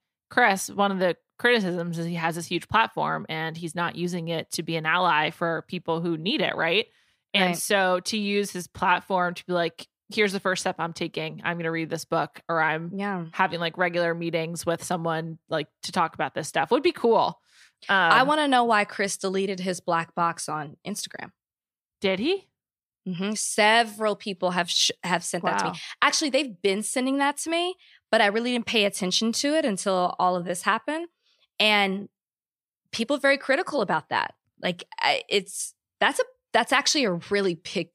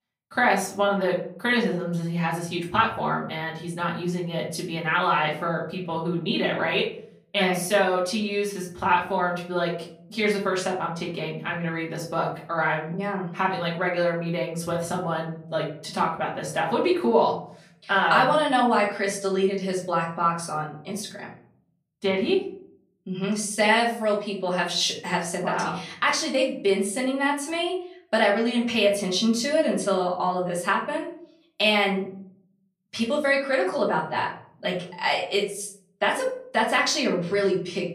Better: first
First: none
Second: off-mic speech; far // room echo; slight; dies away in 0.6 s

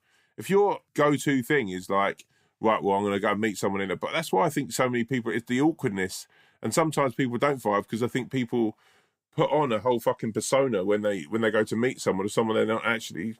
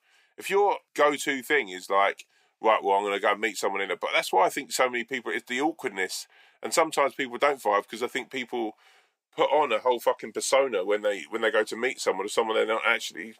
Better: first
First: none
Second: thin; somewhat; fading below 500 Hz

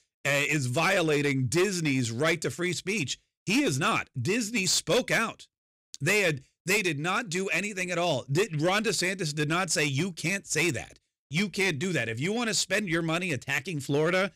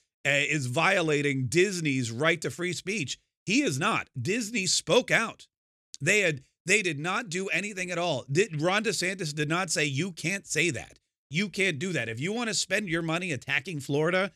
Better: second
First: distortion; slight; 6% of the sound clipped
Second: none

